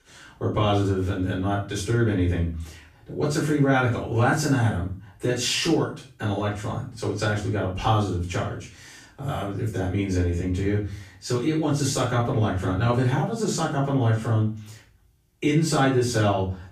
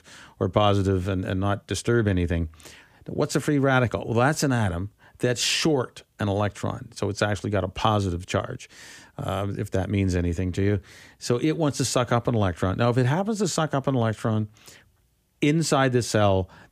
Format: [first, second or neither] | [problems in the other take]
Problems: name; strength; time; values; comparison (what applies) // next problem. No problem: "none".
second | off-mic speech; far // room echo; noticeable; dies away in 0.4 s